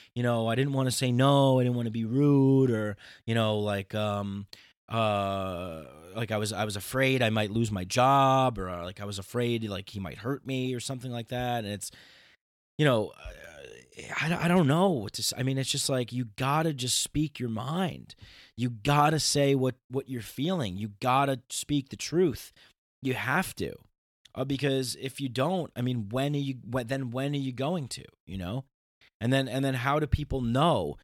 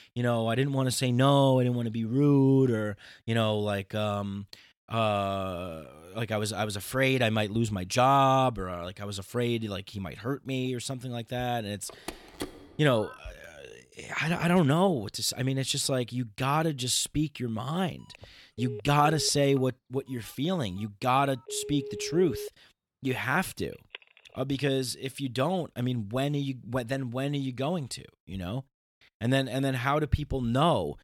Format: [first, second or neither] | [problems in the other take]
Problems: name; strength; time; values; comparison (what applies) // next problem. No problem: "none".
first | phone ringing; faint; from 12 to 13 s; peak 10 dB below the speech // phone ringing; noticeable; from 18 to 24 s; peak 9 dB below the speech